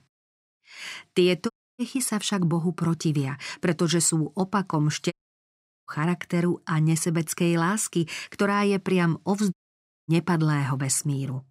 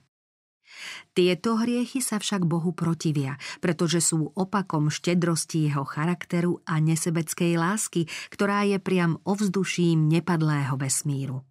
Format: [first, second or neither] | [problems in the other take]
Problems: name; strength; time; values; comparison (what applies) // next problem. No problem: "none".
second | audio cutting out; at 1.5 s, at 5 s for 1 s and at 9.5 s for 0.5 s